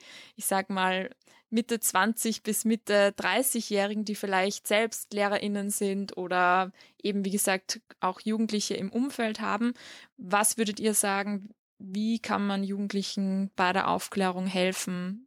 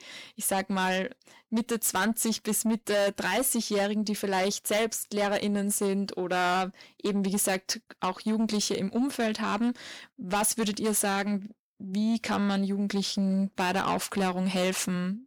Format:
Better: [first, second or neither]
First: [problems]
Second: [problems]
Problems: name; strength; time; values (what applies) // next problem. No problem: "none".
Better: first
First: none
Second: distortion; heavy; 8 dB below the speech